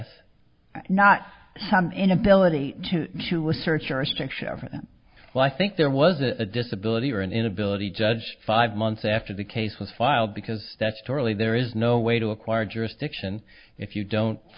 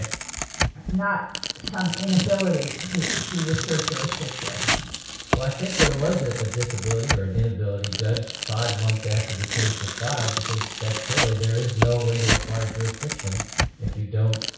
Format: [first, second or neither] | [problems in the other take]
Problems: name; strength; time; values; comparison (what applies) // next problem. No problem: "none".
first | background sound (Tearing); 3 dB below the speech // room echo; dies away in 0.6 s